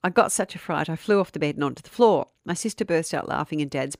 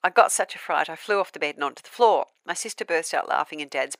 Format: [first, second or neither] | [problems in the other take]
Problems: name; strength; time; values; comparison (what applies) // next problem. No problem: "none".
first | thin; very; fading below 650 Hz